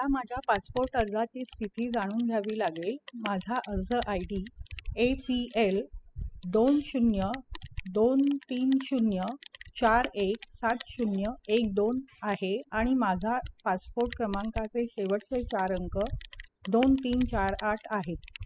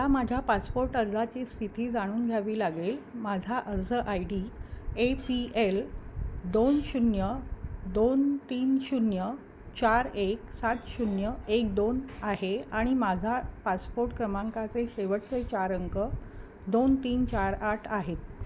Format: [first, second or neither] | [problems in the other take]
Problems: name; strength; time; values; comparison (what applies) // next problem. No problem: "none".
second | noise reduction (classical method spectral subtraction)